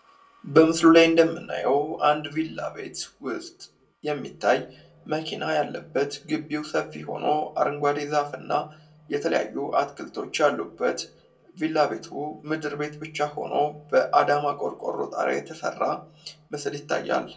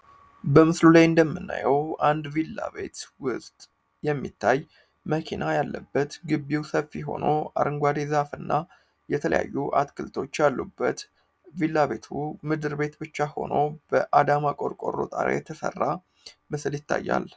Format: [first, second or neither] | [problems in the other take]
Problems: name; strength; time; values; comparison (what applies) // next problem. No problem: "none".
second | room echo; dies away in 0.2 s